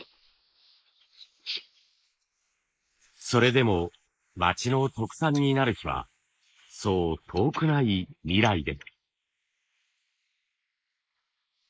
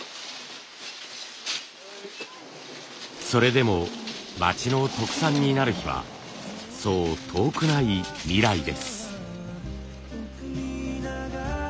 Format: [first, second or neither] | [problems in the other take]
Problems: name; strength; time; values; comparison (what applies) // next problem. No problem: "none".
second | noise reduction (neural mask model Resemble Enhance denoiser)